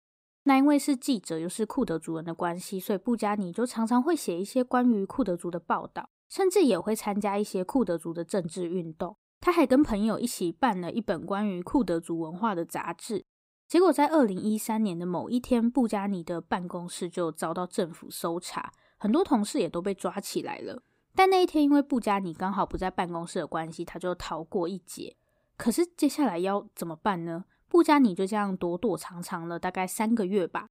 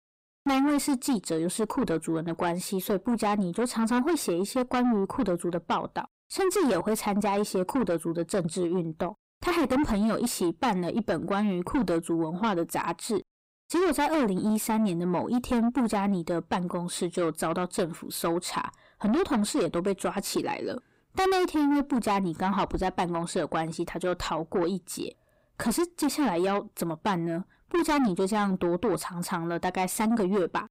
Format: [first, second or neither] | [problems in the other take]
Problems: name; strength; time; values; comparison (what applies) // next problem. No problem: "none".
first | distortion; heavy; 6 dB below the speech